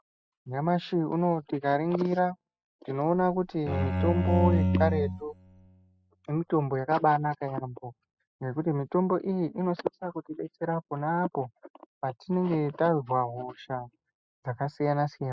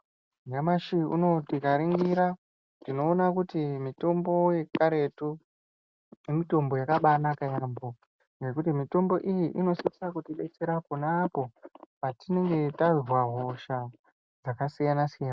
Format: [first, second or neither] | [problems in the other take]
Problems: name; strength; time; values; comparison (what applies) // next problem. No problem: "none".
second | noise reduction (classical method spectral subtraction)